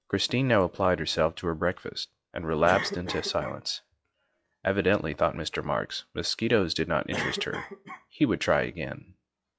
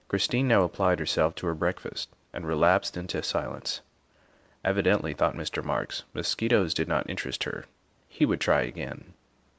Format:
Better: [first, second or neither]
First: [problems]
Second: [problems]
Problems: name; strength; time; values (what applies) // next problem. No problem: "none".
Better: second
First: noise reduction (classical method log-MMSE)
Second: none